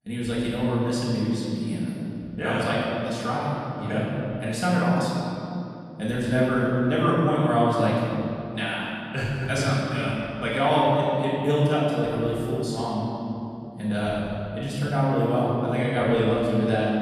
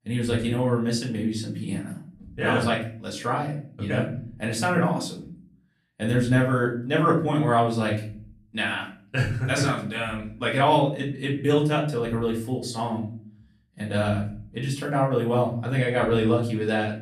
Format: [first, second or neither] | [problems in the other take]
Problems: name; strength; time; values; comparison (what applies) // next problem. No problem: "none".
second | room echo; strong; dies away in 2.7 s; slight in the second // off-mic speech; far; far in the second